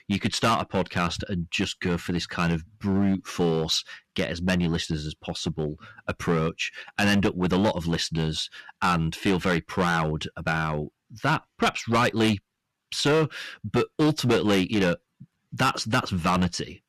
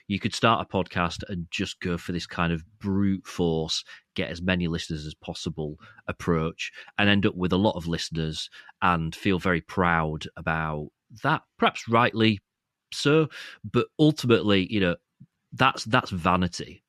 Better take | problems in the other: second | distortion; heavy; 7% of the sound clipped

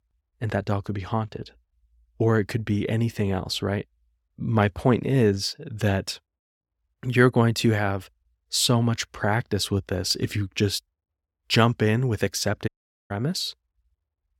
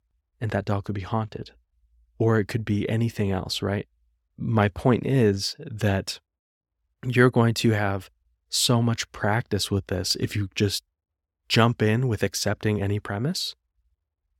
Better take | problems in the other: second | audio cutting out; at 13 s

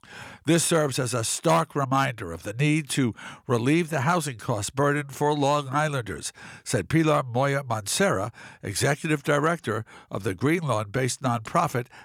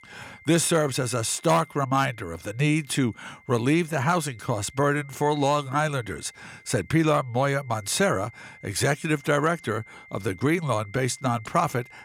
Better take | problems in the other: first | high-pitched whine; faint; throughout; 2 kHz, 25 dB below the speech

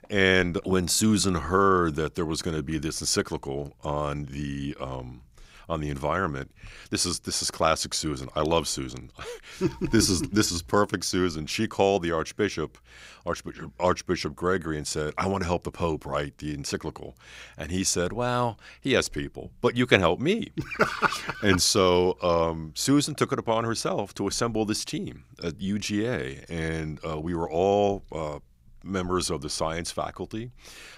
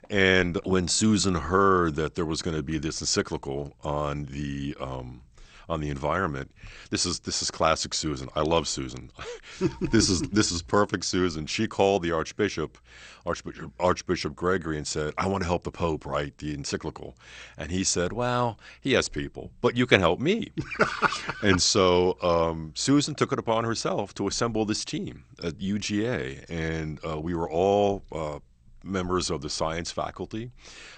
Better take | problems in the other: first | garbled, watery; slightly; nothing above 8.5 kHz

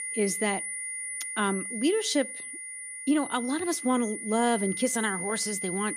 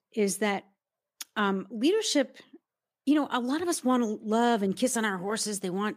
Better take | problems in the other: second | high-pitched whine; loud; throughout; 2 kHz, 5 dB below the speech

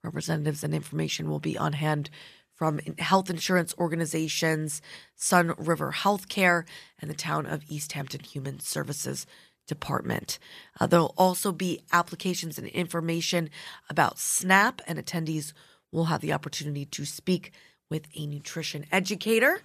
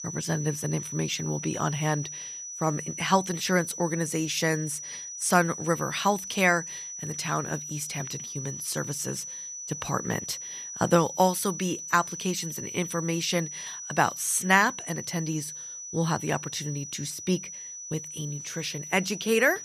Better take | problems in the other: first | high-pitched whine; loud; throughout; 6 kHz, 8 dB below the speech

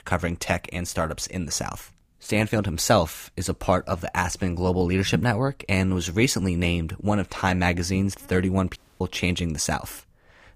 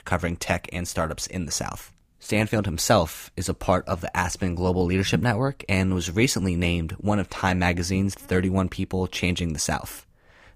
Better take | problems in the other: second | audio cutting out; at 9 s

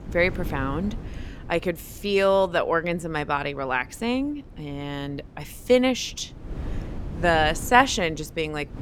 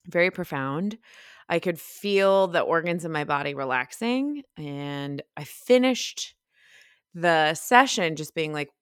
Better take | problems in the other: second | wind noise on the microphone; occasional gusts; 25 dB below the speech

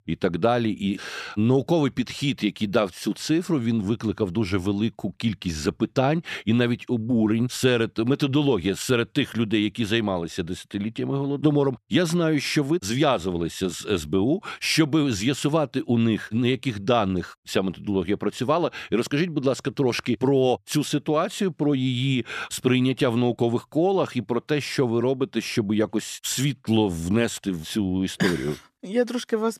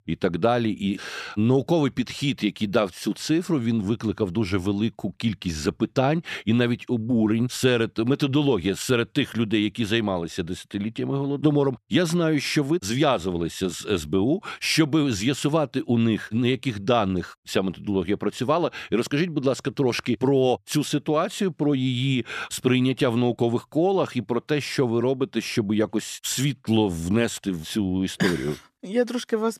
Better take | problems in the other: neither | none

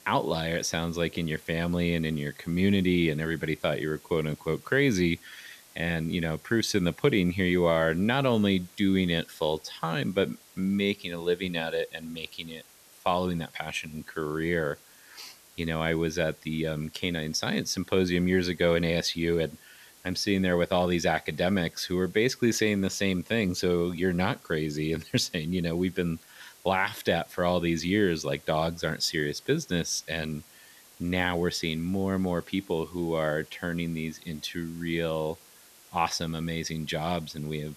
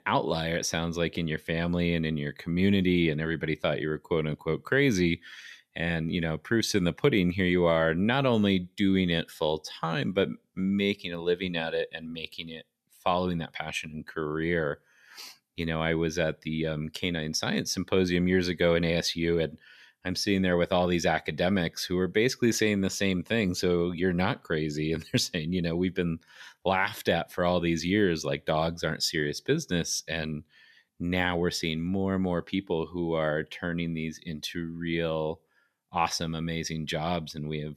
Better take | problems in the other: second | hiss; faint; throughout; 25 dB below the speech

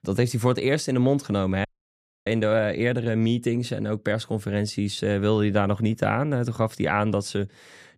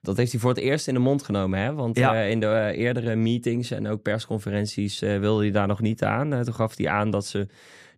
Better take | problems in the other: second | audio cutting out; at 1.5 s for 0.5 s

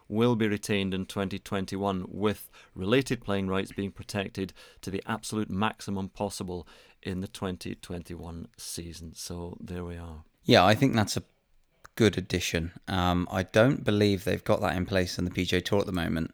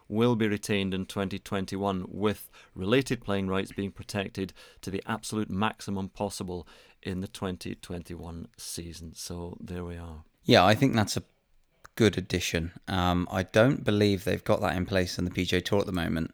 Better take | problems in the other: neither | none

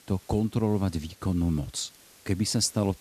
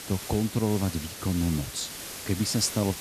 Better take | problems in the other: first | hiss; loud; throughout; 8 dB below the speech; faint in the first

